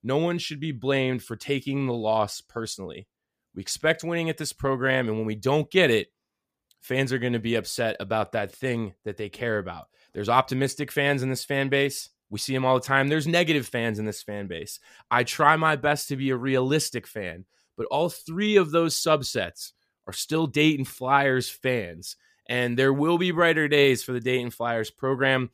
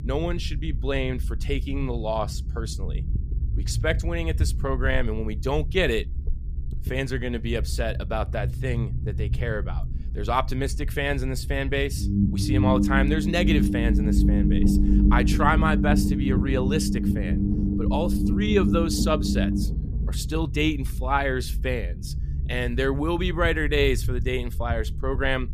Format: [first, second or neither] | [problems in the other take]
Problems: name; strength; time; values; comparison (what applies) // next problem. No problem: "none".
first | low rumble; loud; throughout; 5 dB below the speech